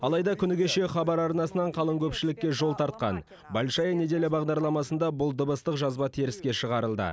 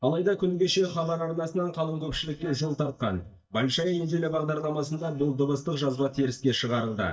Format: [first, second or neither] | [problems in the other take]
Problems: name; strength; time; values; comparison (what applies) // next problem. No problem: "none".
first | noise reduction (neural mask model DeepFilterNet 3)